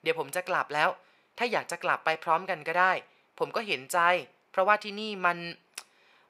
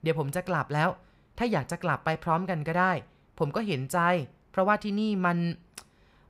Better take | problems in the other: second | thin; very; fading below 450 Hz

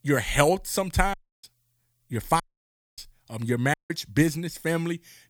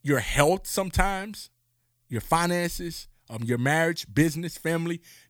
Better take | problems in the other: second | audio cutting out; at 1 s, at 2.5 s for 0.5 s and at 3.5 s

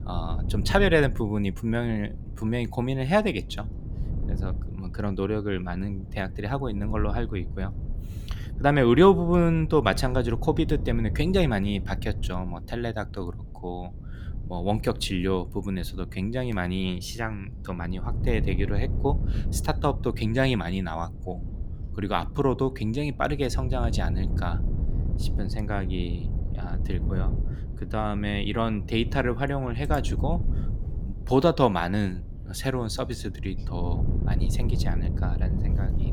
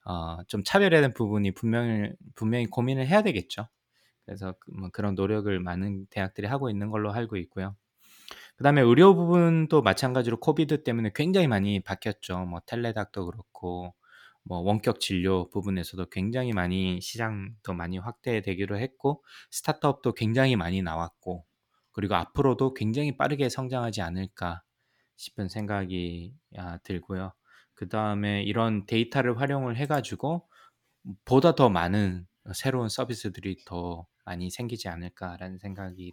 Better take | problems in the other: second | wind noise on the microphone; occasional gusts; 15 dB below the speech

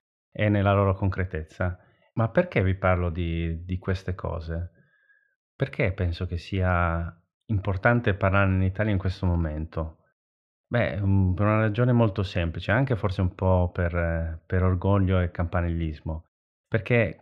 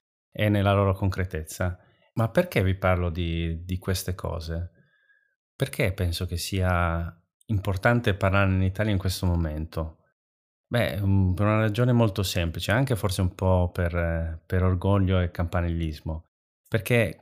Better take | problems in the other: second | muffled; slightly; fading above 2 kHz

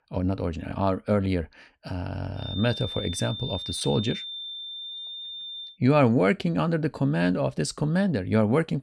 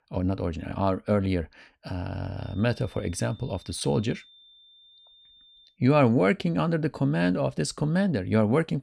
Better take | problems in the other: second | high-pitched whine; loud; from 2.5 to 5.5 s; 3.5 kHz, 8 dB below the speech; faint in the second

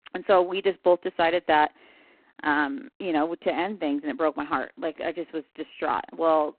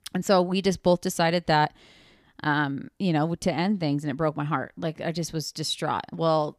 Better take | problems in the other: second | phone-call audio; poor line; nothing above 4 kHz

